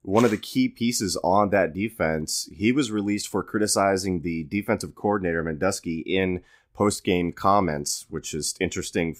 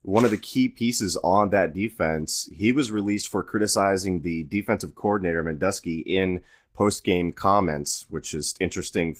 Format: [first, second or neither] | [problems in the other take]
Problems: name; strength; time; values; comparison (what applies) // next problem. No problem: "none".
first | garbled, watery; slightly; nothing above 15.5 kHz